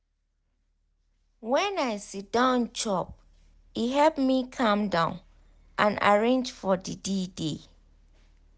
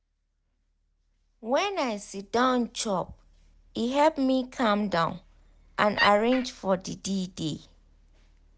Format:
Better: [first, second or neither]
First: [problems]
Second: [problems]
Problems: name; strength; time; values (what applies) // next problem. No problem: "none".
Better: first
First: none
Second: background sound (Wood); 1 dB below the speech